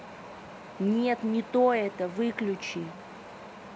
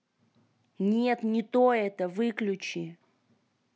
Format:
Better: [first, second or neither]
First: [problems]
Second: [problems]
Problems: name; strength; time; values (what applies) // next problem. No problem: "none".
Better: second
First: background sound (Wind); 15 dB below the speech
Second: none